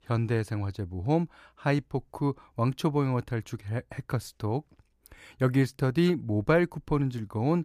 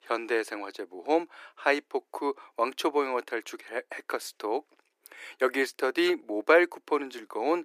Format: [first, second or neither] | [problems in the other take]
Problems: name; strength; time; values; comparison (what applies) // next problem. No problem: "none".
first | thin; very; fading below 350 Hz